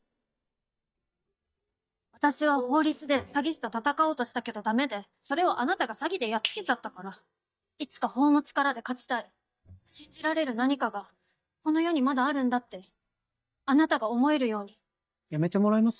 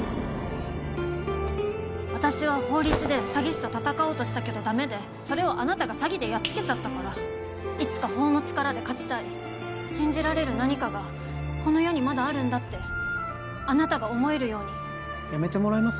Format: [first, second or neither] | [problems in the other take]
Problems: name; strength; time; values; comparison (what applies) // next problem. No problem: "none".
second | noise reduction (neural mask model DeepFilterNet 3)